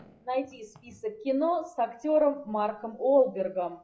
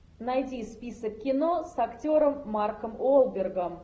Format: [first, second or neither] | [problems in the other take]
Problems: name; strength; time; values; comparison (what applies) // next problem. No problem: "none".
second | noise reduction (classical method log-MMSE)